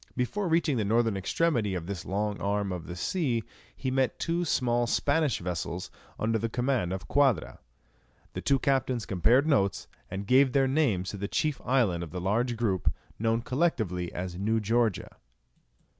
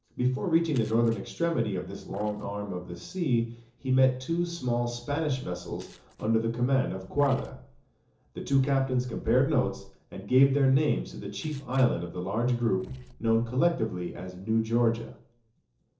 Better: first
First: none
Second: noise reduction (neural separator model SepFormer DNS4)

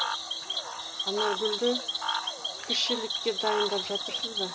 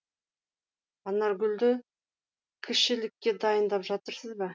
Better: second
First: background sound (Cricket / Frog); 1 dB above the speech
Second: none

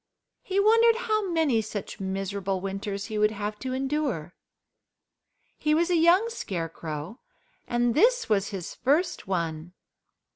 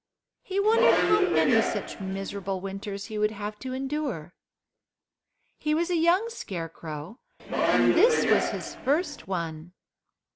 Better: first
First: none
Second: background sound (Subway, metro, underground); 1 dB above the speech

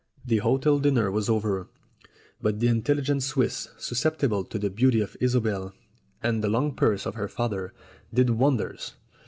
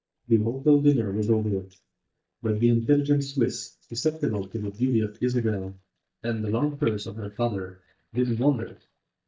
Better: first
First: none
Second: noise reduction (neural mask model DeepFilterNet 3)

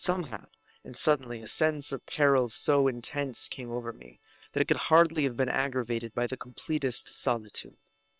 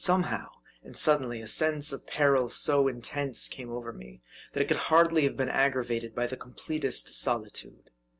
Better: second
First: noise reduction (neural separator model SepFormer WHAM!)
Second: none

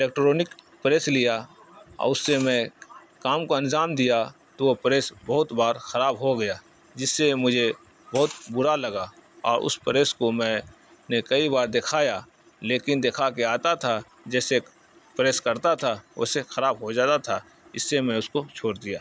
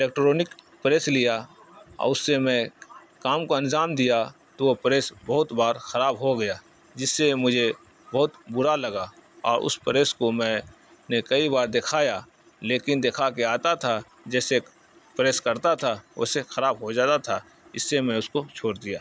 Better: second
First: background sound (Liquid); 17 dB below the speech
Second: none

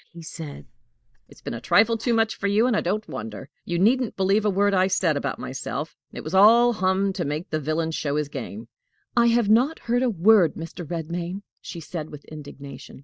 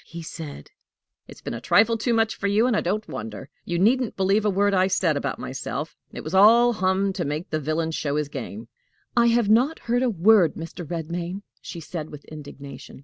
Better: second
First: noise reduction (neural mask model DeepFilterNet 3)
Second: none

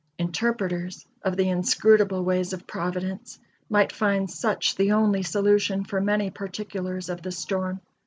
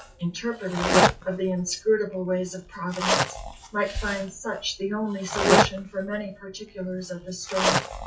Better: first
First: none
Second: noise reduction (classical method WPE with log-MMSE)

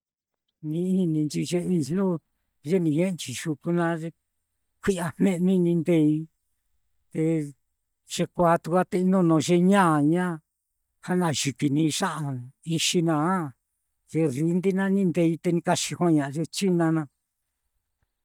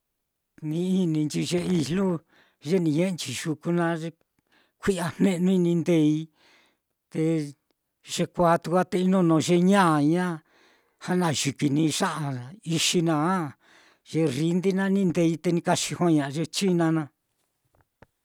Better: second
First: noise reduction (neural mask model DeepFilterNet 3)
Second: none

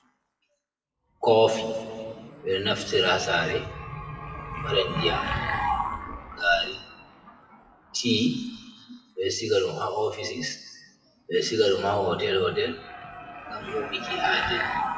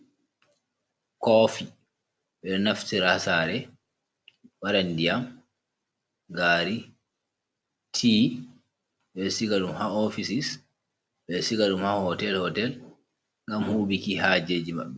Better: second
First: noise reduction (classical method WPE with log-MMSE)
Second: none

